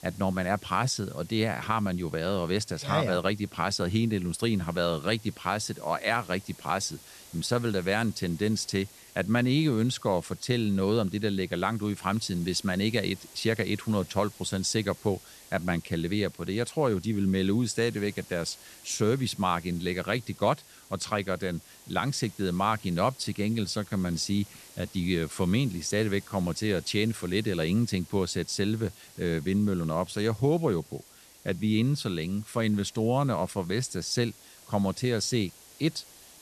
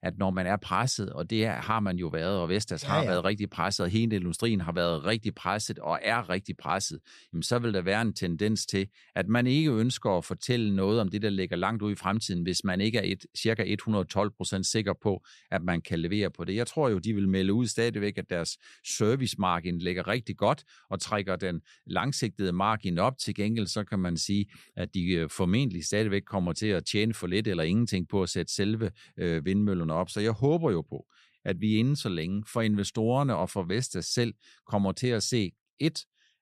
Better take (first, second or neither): second